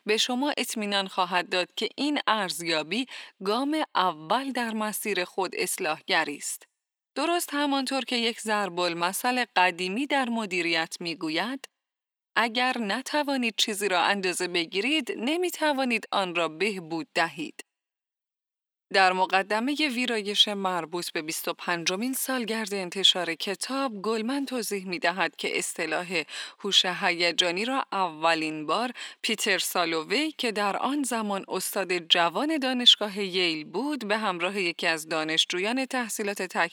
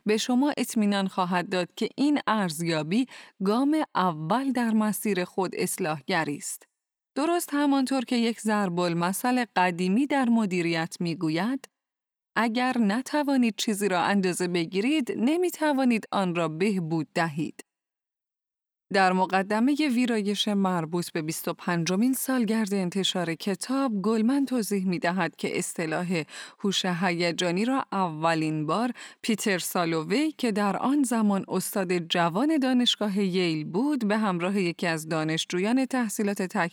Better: second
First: thin; somewhat; fading below 350 Hz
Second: none

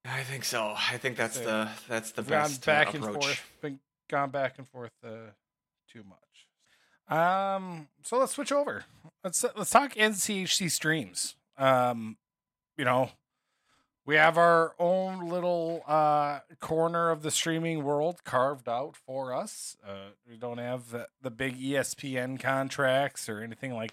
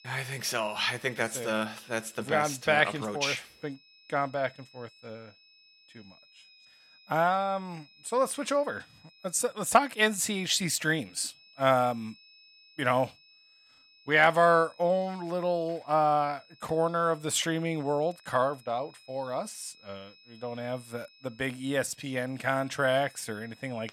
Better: first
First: none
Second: high-pitched whine; faint; throughout; 5 kHz, 25 dB below the speech

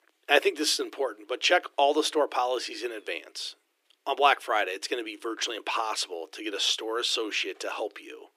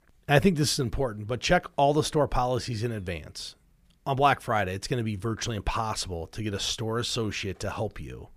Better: second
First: thin; very; fading below 300 Hz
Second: none

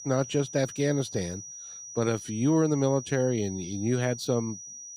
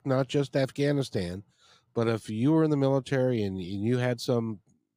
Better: second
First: high-pitched whine; noticeable; throughout; 6 kHz, 10 dB below the speech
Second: none

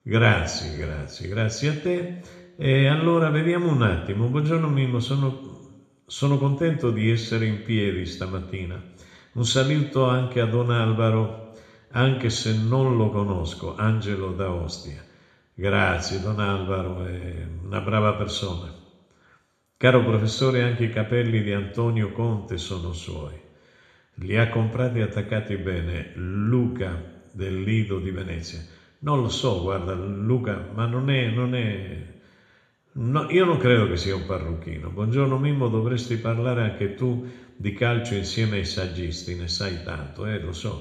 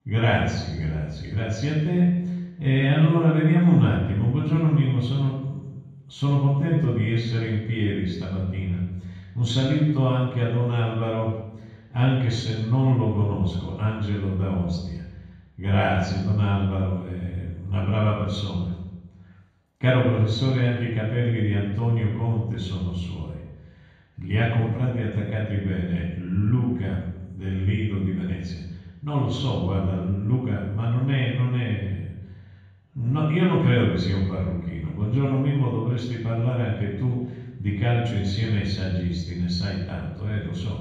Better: first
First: room echo; slight; dies away in 0.7 s // off-mic speech; somewhat distant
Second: room echo; strong; dies away in 1.3 s // off-mic speech; far

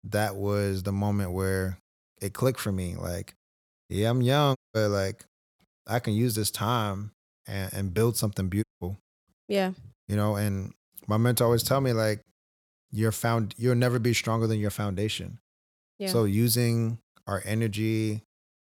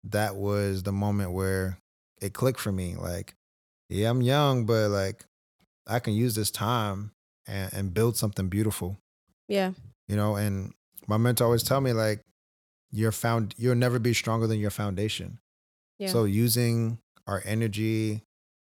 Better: second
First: audio cutting out; at 4.5 s and at 8.5 s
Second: none

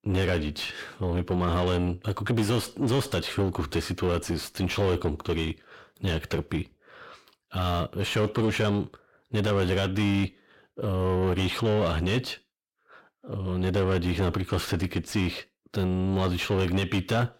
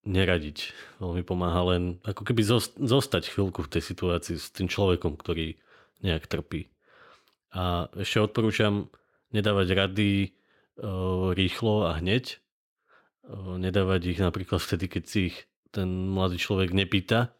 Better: second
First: distortion; heavy; 8 dB below the speech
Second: none

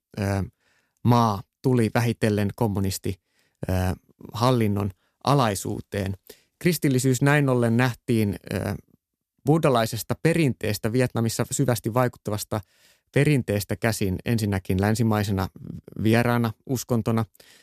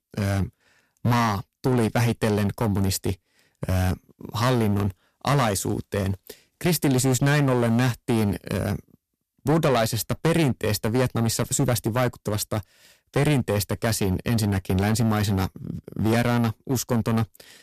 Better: first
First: none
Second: distortion; heavy; 10% of the sound clipped

